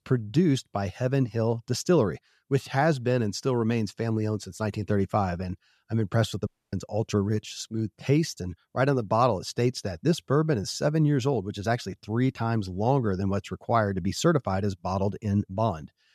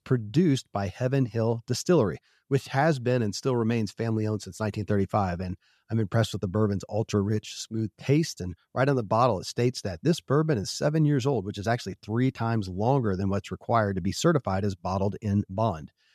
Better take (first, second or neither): second